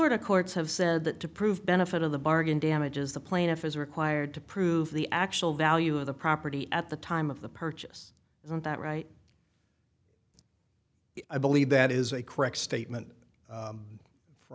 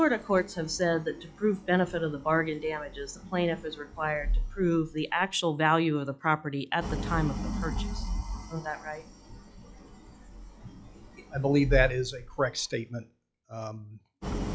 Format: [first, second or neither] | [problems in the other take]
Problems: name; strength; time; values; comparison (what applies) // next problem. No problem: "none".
first | noise reduction (classical method log-MMSE)